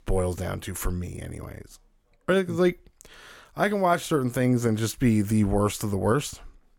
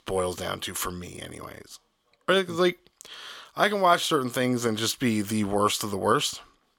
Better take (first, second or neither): first